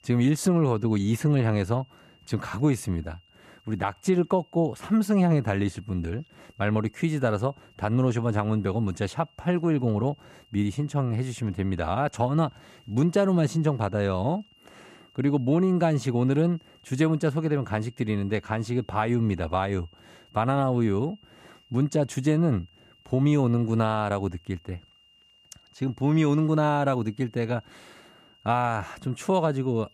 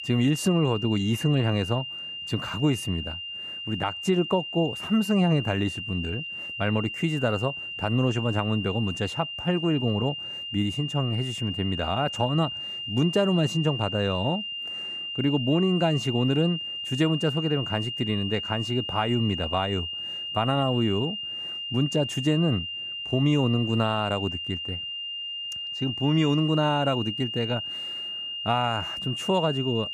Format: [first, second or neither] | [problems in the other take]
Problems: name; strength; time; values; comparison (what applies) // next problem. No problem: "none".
first | high-pitched whine; loud; throughout; 3 kHz, 5 dB below the speech; faint in the first